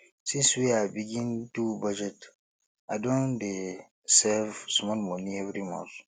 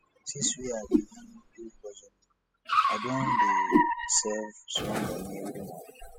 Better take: first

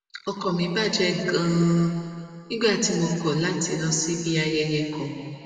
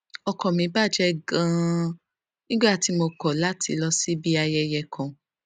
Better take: second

